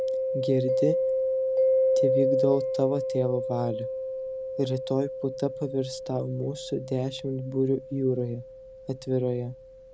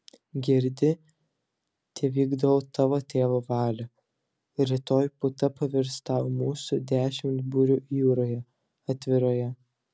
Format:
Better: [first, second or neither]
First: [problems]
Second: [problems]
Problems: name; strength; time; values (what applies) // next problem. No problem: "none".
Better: second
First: background sound (Mallet percussion); 1 dB above the speech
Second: none